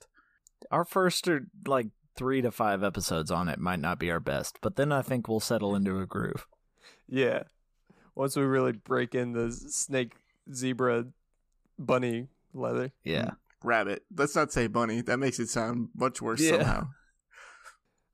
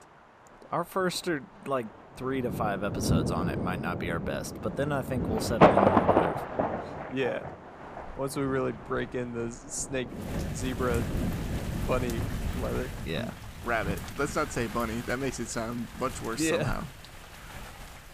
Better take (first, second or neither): first